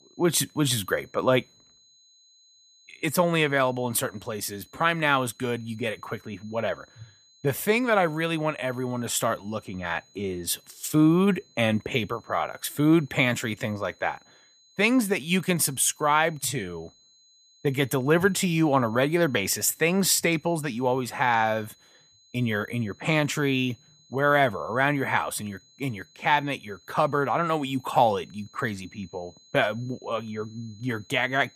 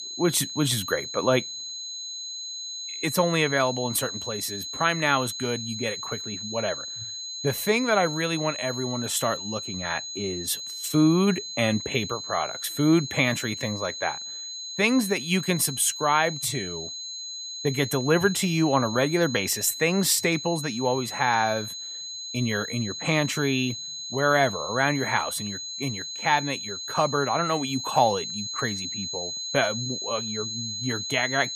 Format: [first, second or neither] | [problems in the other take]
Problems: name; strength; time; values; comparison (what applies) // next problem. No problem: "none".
first | high-pitched whine; loud; throughout; 4 kHz, 7 dB below the speech; faint in the first